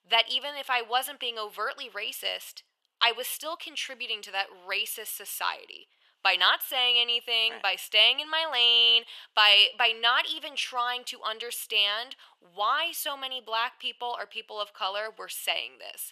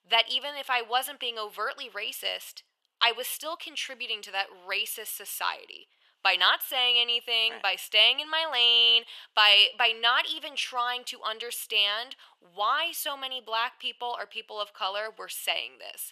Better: neither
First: thin; very; fading below 850 Hz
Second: thin; very; fading below 850 Hz

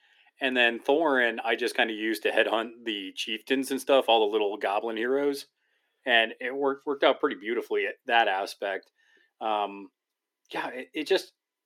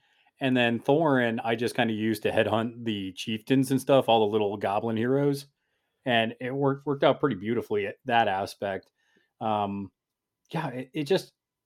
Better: second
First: thin; somewhat; fading below 300 Hz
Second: none

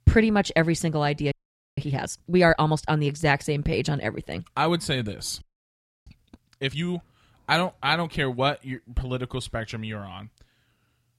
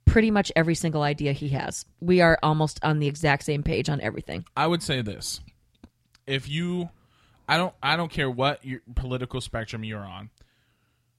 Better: second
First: audio freezing; at 1.5 s and at 5.5 s for 0.5 s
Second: none

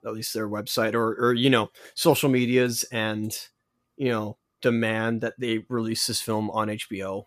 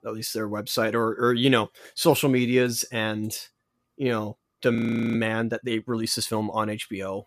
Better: first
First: none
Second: audio freezing; at 5 s

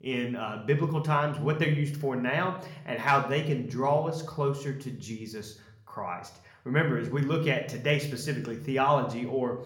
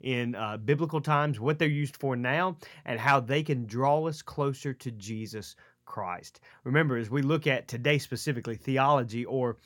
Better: second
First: room echo; slight; dies away in 0.6 s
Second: none

